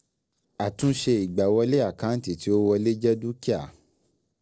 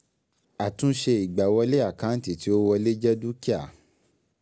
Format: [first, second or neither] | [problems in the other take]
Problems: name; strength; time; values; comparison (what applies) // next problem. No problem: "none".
second | noise reduction (neural separator model SepFormer DNS4)